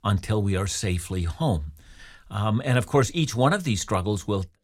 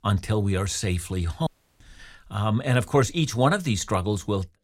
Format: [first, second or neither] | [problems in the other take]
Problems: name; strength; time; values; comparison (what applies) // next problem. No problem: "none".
first | audio cutting out; at 1.5 s